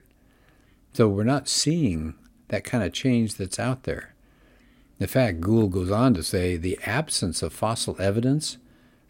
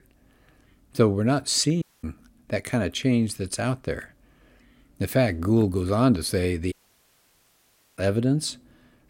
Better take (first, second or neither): first